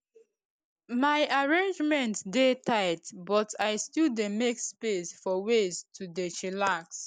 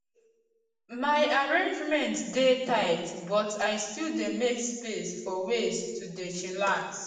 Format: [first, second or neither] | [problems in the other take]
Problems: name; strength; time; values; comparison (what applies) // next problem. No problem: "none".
first | room echo; dies away in 1 s